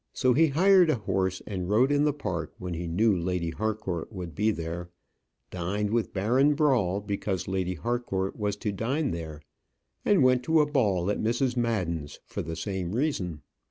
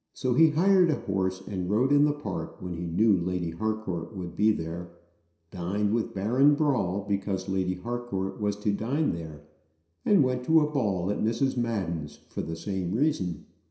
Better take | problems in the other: first | room echo; dies away in 0.7 s

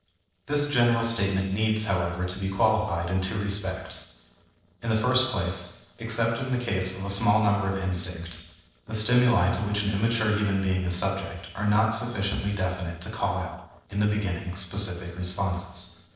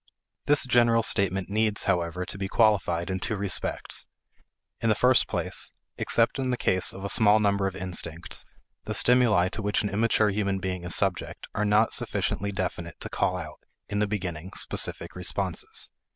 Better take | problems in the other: second | noise reduction (neural separator model SepFormer DNS4)

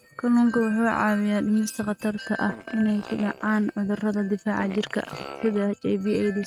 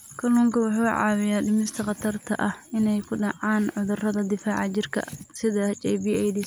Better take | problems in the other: second | noise reduction (neural mask model RNNoise)

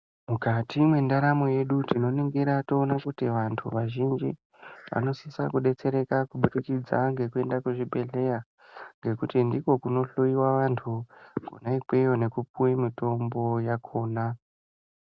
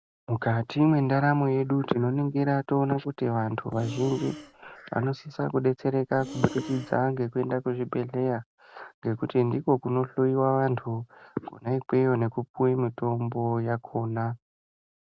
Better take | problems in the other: first | background sound (Breathing); 15 dB below the speech

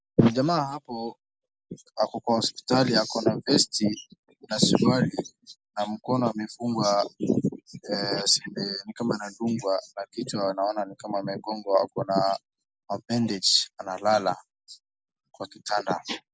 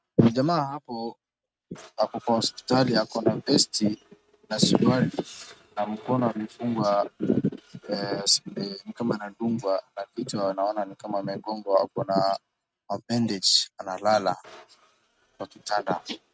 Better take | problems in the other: first | noise reduction (neural mask model RNNoise)

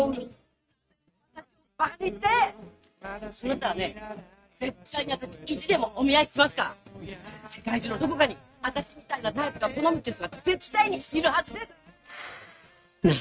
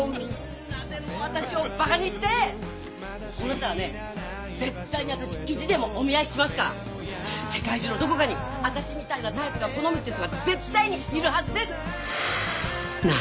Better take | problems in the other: second | noise reduction (neural mask model RNNoise)

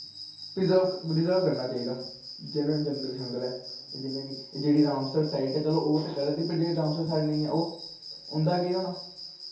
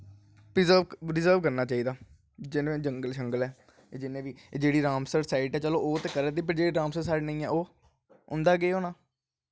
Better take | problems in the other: second | background sound (Cricket); 14 dB below the speech // room echo; dies away in 0.6 s

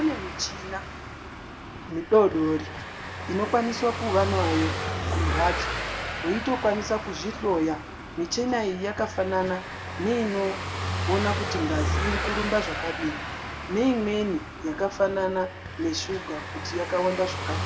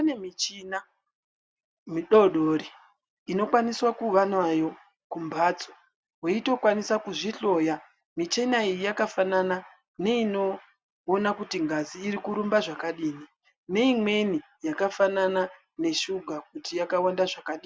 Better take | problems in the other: second | background sound (Car passing by / Engine); 4 dB below the speech // room echo; dies away in 1.3 s

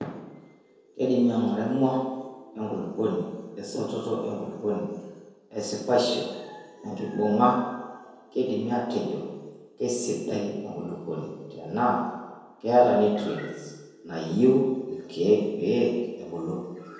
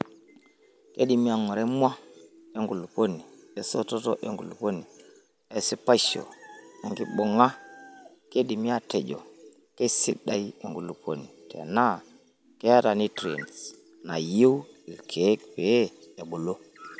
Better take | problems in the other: second | room echo; dies away in 1.2 s

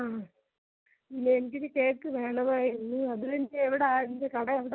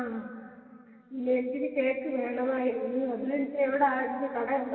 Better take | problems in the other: first | room echo; dies away in 2.3 s

